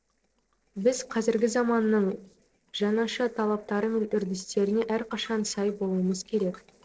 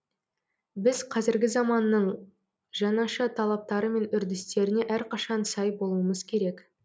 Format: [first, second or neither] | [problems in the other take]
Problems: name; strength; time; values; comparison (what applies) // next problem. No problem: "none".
second | noise reduction (neural separator model SepFormer DNS4)